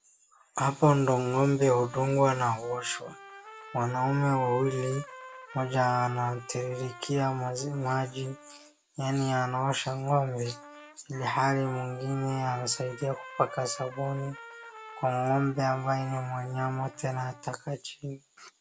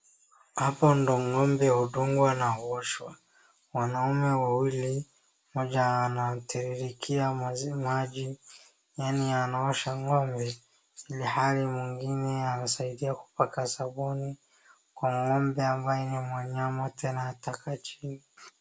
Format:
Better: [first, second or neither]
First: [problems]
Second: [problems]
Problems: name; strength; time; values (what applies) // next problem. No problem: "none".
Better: second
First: background sound (Trumpet); 19 dB below the speech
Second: none